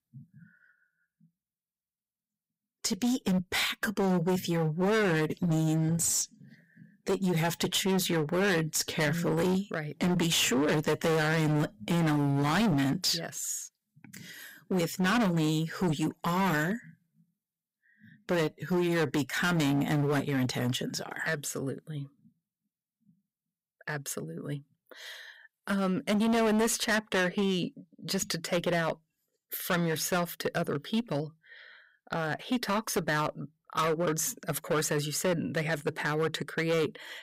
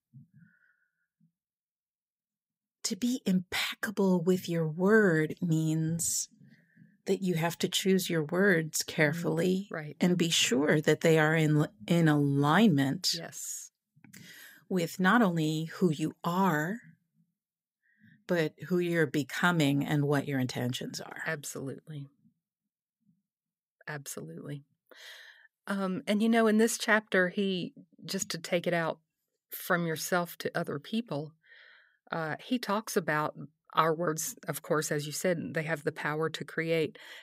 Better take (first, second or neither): second